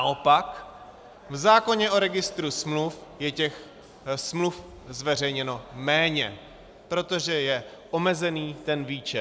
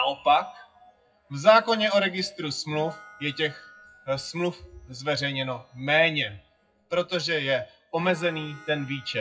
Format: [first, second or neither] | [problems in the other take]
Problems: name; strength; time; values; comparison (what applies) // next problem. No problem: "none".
first | noise reduction (classical method WPE with log-MMSE)